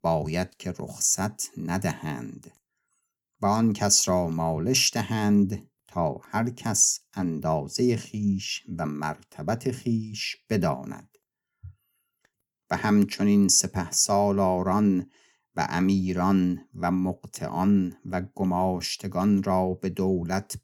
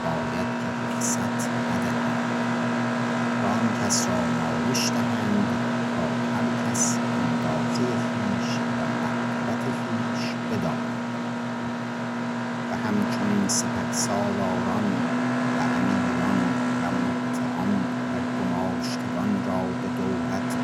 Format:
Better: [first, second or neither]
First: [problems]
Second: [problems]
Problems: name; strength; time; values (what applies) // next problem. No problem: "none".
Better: first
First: none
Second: machinery noise; very loud; throughout; 4 dB above the speech